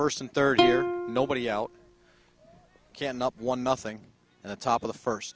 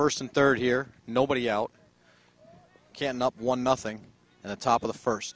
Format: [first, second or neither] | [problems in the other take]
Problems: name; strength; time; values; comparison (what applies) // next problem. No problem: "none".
second | background sound (Plucked string instrument); 1 dB below the speech